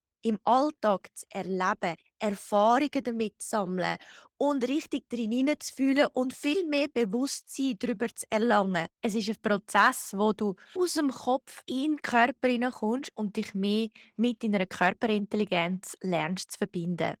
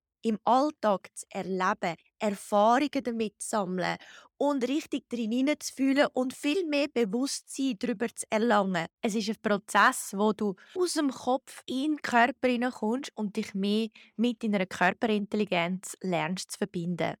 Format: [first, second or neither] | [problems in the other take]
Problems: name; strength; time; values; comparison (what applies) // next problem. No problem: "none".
second | garbled, watery; slightly; nothing above 18.5 kHz